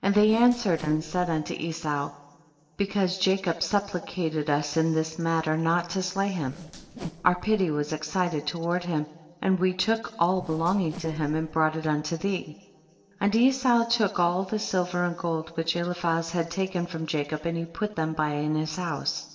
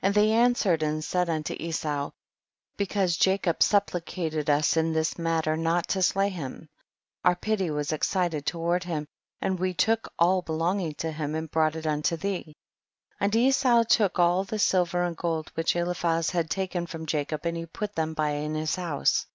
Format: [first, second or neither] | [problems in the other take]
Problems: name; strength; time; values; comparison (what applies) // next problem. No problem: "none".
second | noise reduction (neural separator model SepFormer DNS4)